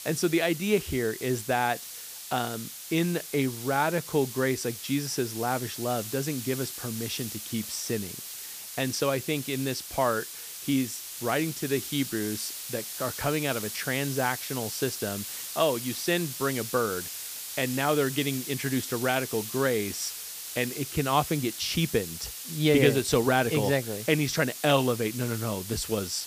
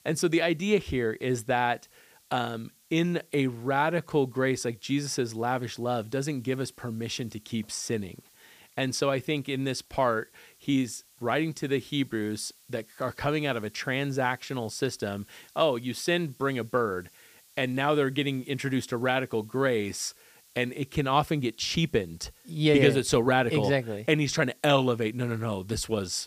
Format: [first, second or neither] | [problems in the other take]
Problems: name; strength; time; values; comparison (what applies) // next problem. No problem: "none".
second | hiss; loud; throughout; 7 dB below the speech; faint in the second